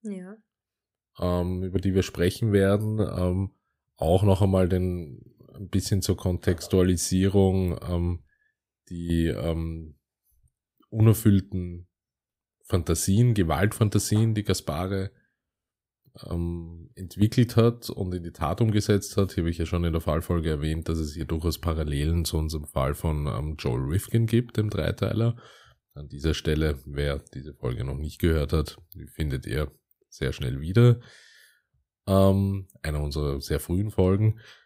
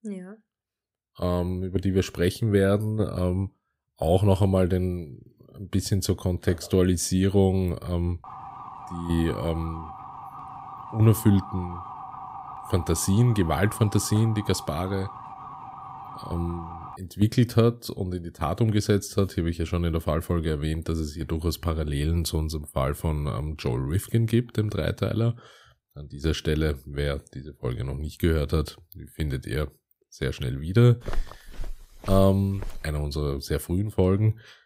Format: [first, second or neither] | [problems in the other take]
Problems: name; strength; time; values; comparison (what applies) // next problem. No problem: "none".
first | siren; faint; from 8 to 17 s; peak 15 dB below the speech // footsteps; faint; from 31 to 33 s; peak 10 dB below the speech